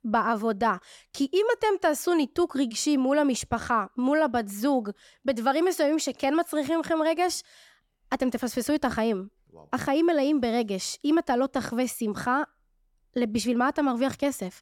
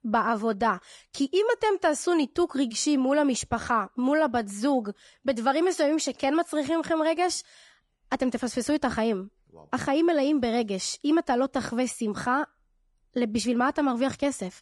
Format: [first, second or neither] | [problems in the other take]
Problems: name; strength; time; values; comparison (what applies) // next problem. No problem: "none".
first | garbled, watery; slightly; nothing above 10.5 kHz